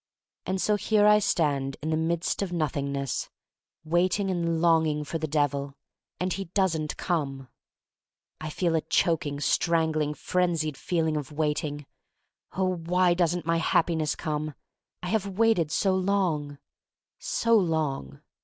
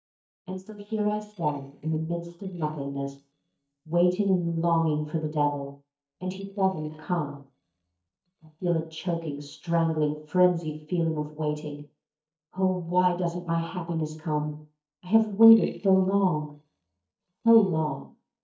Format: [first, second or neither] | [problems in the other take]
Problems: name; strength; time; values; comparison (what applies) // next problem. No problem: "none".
first | noise reduction (neural mask model DeepFilterNet 3)